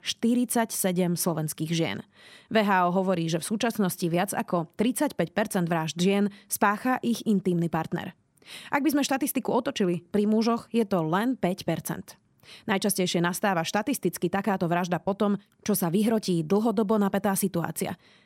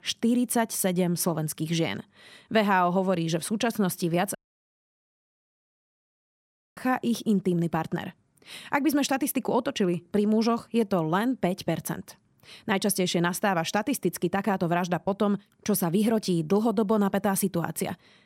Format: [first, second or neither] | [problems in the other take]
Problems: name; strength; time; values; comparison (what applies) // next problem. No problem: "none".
first | audio cutting out; at 4.5 s for 2.5 s